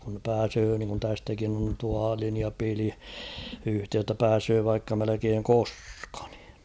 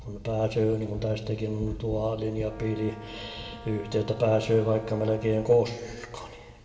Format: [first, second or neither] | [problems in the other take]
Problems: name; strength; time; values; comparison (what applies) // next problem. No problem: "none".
first | background sound (Brass instrument); 20 dB below the speech // room echo; dies away in 1.5 s